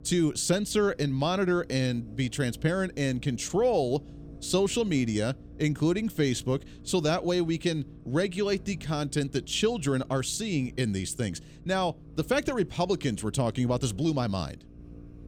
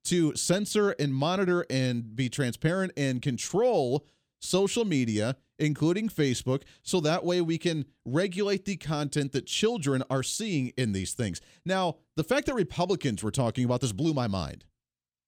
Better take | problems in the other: second | low rumble; faint; throughout; 25 dB below the speech

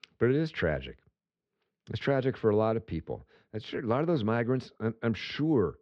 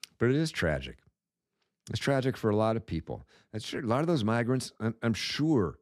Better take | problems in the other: second | muffled; slightly; fading above 3.5 kHz

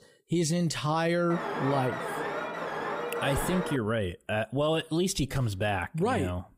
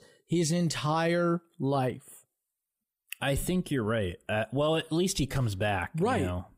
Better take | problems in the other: second | alarm; noticeable; from 1.5 to 4 s; peak 4 dB below the speech

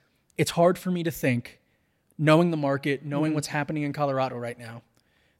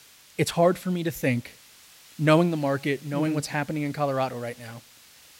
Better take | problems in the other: first | hiss; faint; throughout; 25 dB below the speech

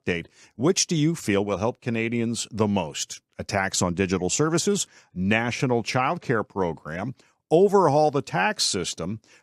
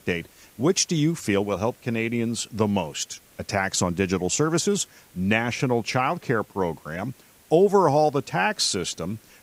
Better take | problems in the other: first | hiss; faint; throughout; 30 dB below the speech

